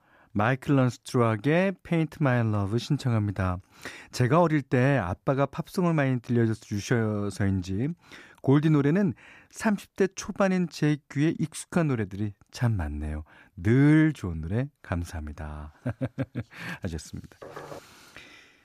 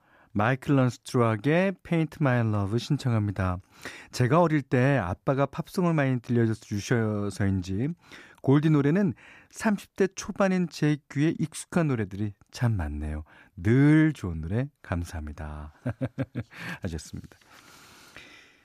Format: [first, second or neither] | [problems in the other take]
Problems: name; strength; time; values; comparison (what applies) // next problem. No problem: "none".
second | door banging; faint; at 17 s; peak 15 dB below the speech